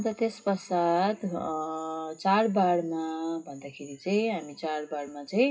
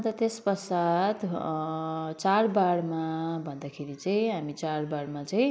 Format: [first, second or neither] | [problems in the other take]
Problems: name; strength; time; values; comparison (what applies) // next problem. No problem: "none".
second | noise reduction (classical method WPE with log-MMSE)